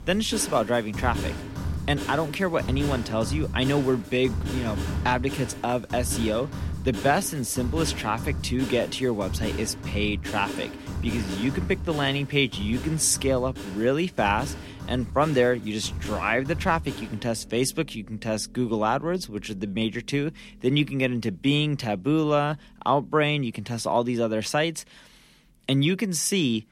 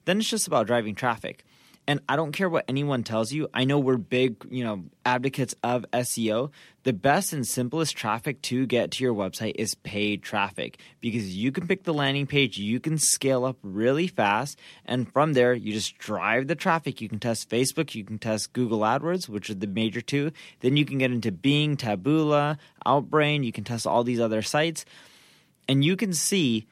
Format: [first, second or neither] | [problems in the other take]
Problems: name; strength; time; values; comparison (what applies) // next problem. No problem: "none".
second | background music; loud; throughout; 8 dB below the speech